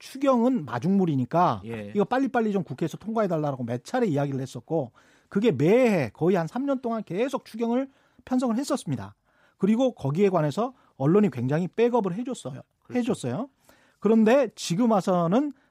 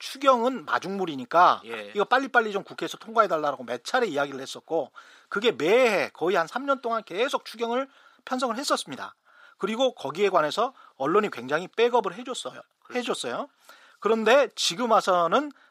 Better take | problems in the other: first | thin; somewhat; fading below 450 Hz

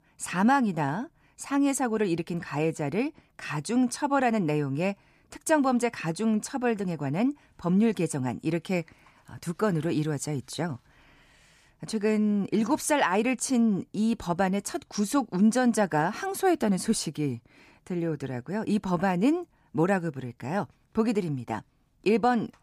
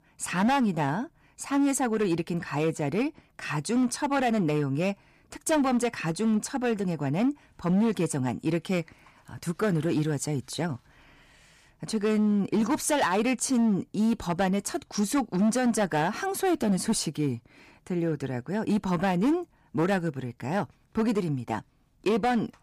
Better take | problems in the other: first | distortion; slight; 8% of the sound clipped

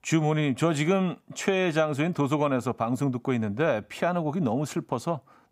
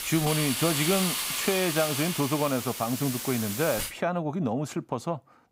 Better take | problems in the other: first | hiss; loud; until 4 s; 1 dB below the speech

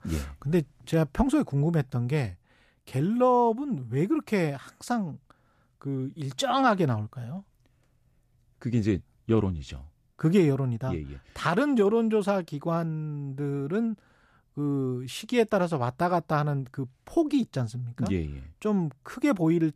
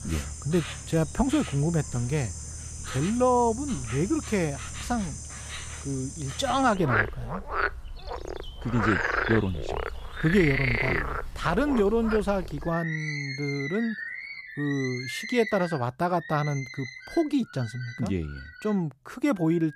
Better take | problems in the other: first | animal sounds; loud; throughout; 5 dB below the speech

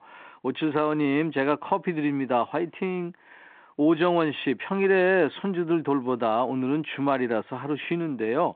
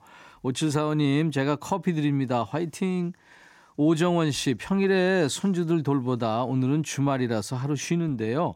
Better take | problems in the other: second | phone-call audio; nothing above 3.5 kHz

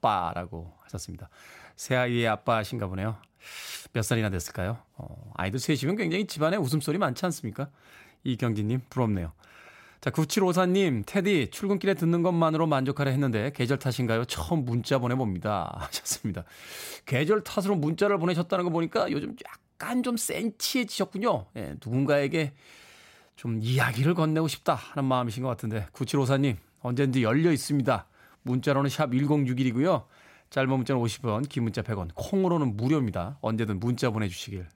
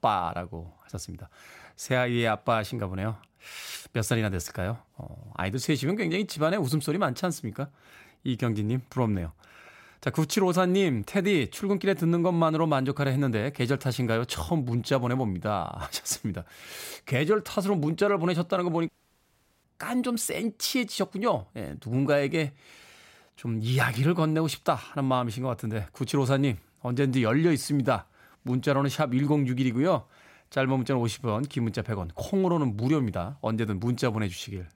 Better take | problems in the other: first | audio cutting out; at 19 s for 1 s

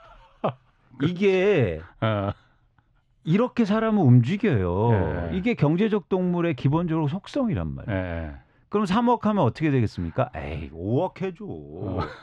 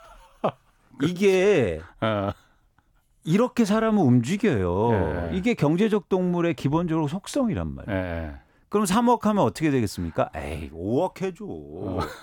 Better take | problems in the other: second | muffled; very slightly; fading above 3.5 kHz

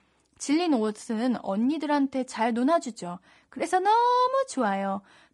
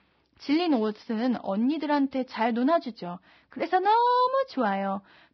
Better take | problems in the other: first | garbled, watery; badly; nothing above 5 kHz; slightly in the first

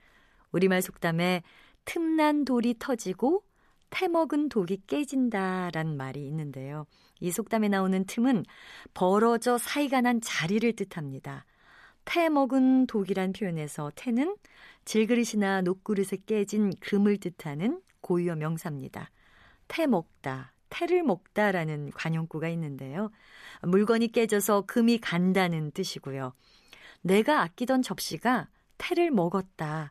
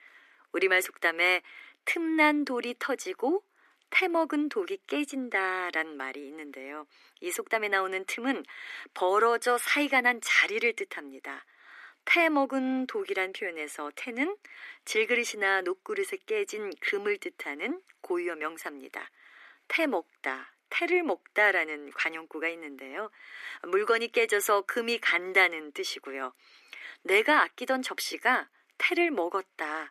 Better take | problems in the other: first | thin; somewhat; fading below 300 Hz

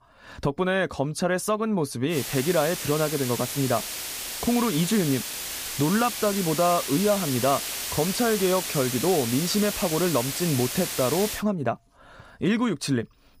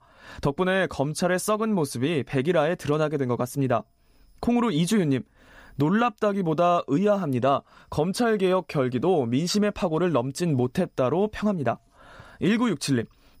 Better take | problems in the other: second | hiss; loud; from 2 to 11 s; 4 dB below the speech

